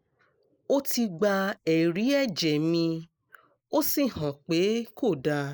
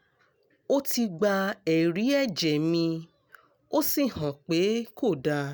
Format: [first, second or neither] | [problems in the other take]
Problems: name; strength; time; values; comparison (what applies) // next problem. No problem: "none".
second | noise reduction (neural mask model Resemble Enhance denoiser)